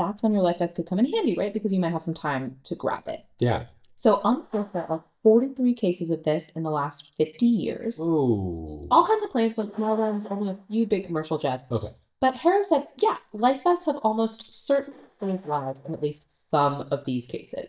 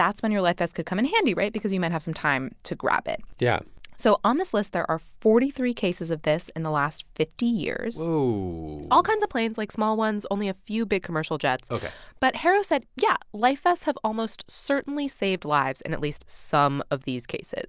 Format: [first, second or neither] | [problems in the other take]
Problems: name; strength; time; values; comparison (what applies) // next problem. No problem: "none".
second | noise reduction (neural mask model DeepFilterNet 3)